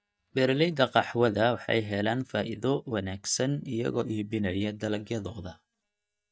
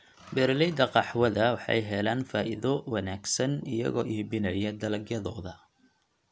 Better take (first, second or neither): second